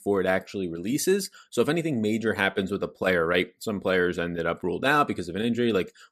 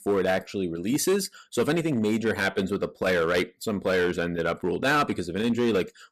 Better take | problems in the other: first | distortion; slight; 7% of the sound clipped

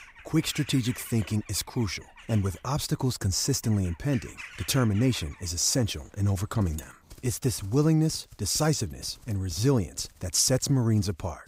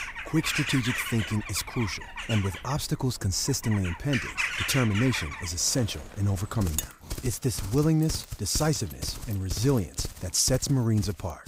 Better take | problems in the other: first | animal sounds; loud; throughout; 7 dB below the speech; faint in the first

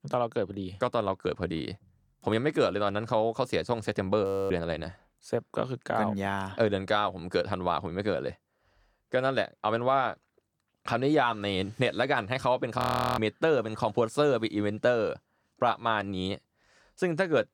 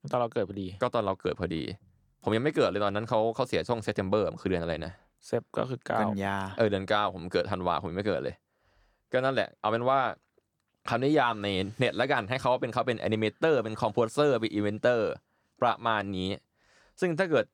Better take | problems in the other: second | audio freezing; at 4.5 s and at 13 s

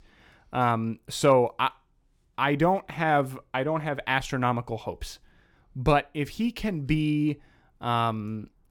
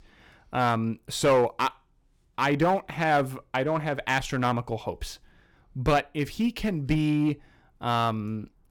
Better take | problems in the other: first | distortion; slight; 3% of the sound clipped

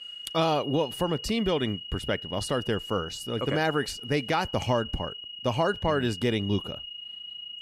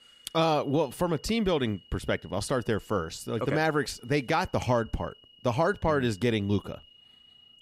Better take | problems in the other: second | high-pitched whine; loud; throughout; 3 kHz, 9 dB below the speech; faint in the second

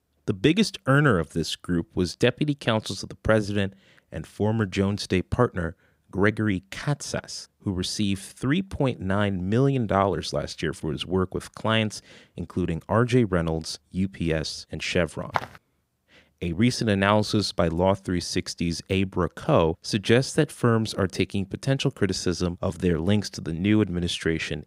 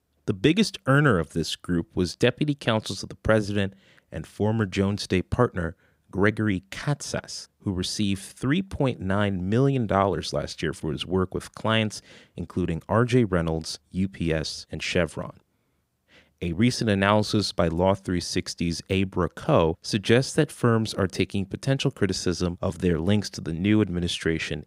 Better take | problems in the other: second | footsteps; noticeable; at 15 s; peak 6 dB below the speech

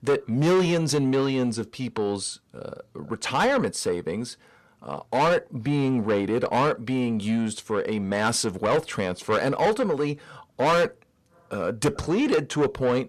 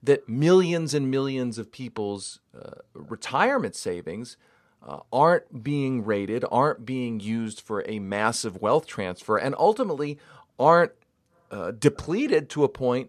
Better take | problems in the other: second | distortion; heavy; 7 dB below the speech

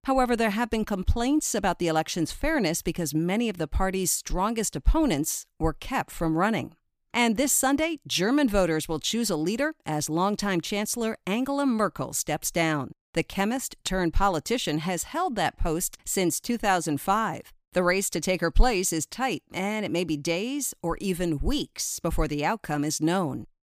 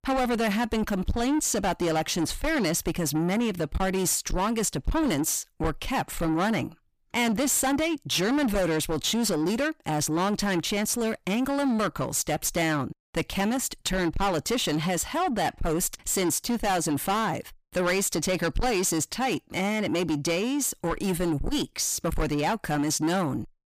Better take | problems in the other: first | distortion; heavy; 7 dB below the speech

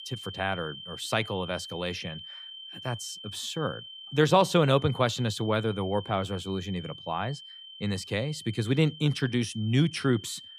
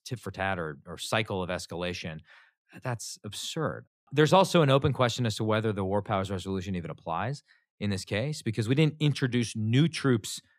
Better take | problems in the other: second | high-pitched whine; noticeable; throughout; 3 kHz, 15 dB below the speech

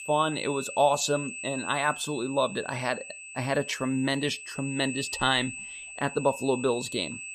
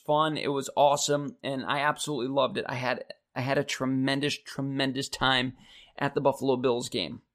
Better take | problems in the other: second | high-pitched whine; loud; throughout; 2.5 kHz, 9 dB below the speech

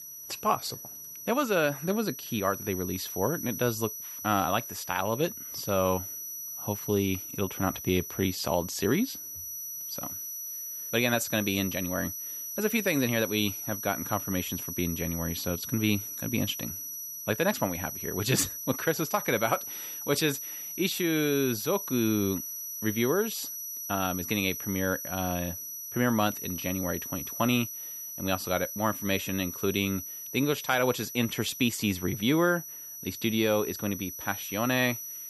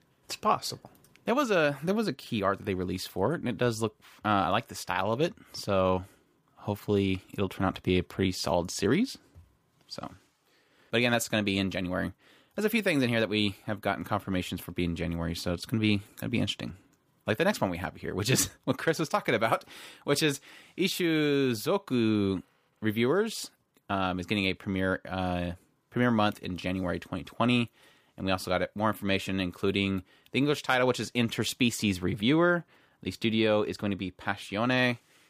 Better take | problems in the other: second | high-pitched whine; loud; throughout; 6 kHz, 6 dB below the speech

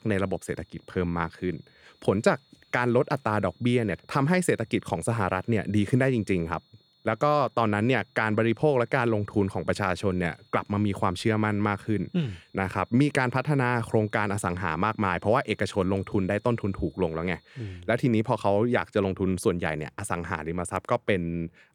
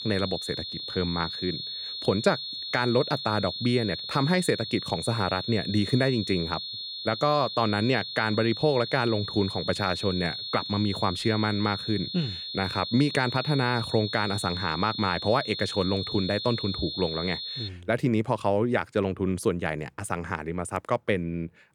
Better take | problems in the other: first | high-pitched whine; loud; until 18 s; 4 kHz, 6 dB below the speech; faint in the first

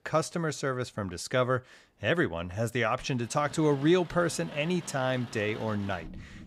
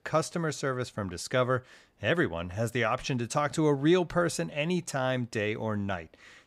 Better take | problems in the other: second | rain or running water; noticeable; from 3.5 s on; 15 dB below the speech

